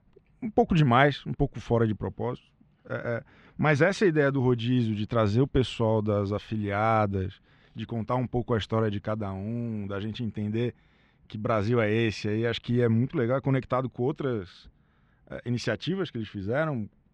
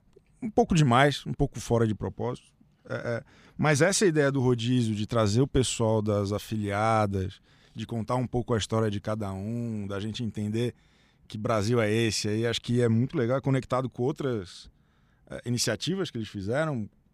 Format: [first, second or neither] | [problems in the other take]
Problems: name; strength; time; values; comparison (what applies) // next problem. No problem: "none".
second | muffled; slightly; fading above 2.5 kHz